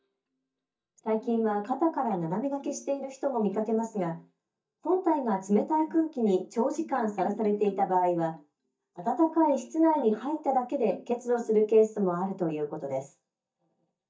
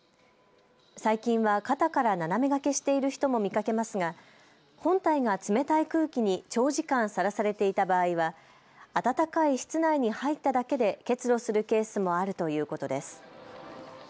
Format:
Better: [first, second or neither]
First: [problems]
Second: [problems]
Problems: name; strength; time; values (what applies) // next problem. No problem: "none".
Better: second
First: noise reduction (neural mask model DeepFilterNet 3)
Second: none